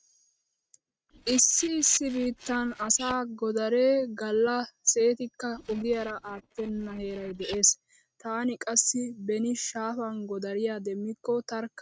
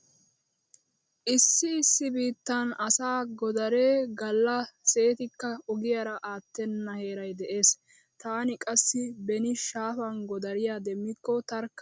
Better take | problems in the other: second | noise reduction (neural mask model RNNoise)

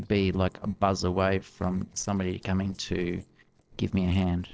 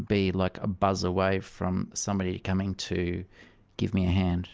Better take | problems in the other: second | noise reduction (neural separator model SepFormer DNS4)

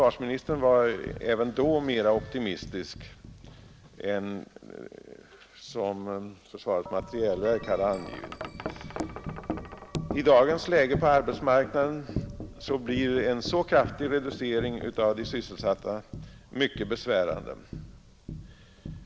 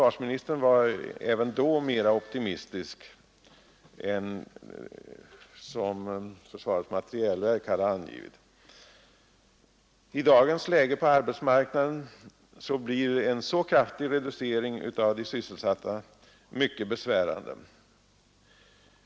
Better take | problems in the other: second | background sound (Wind chime); 12 dB below the speech

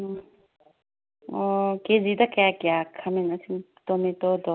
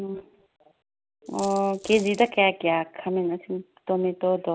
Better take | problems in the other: first | background sound (Coin (dropping)); 17 dB below the speech

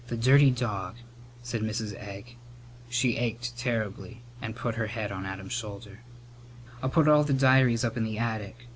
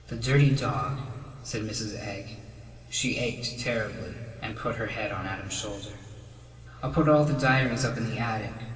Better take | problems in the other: first | room echo; dies away in 2.7 s

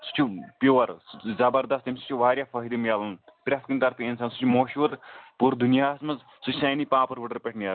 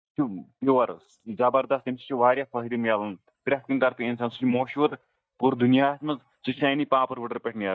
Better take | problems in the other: first | noise reduction (neural mask model DeepFilterNet 3)

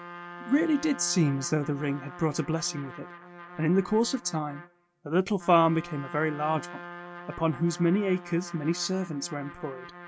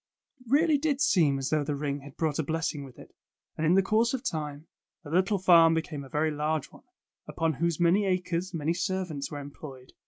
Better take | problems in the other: second | background sound (Trumpet); 15 dB below the speech

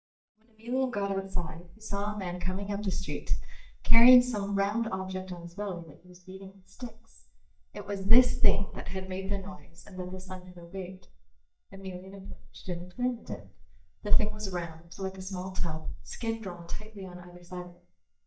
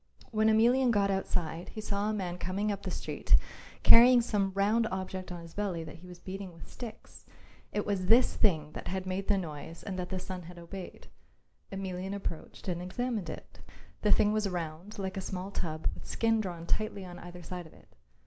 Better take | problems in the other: second | noise reduction (neural mask model DeepFilterNet 3)

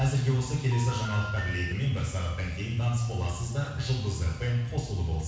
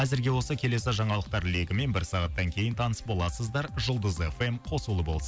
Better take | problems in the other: second | background sound (Telephone); 11 dB below the speech // room echo; dies away in 1.1 s

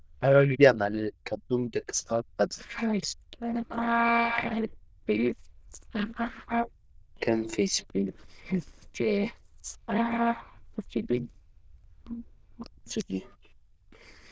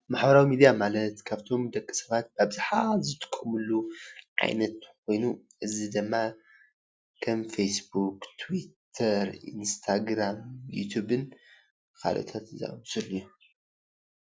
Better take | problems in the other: second | noise reduction (neural diffusion model UNIVERSE++)

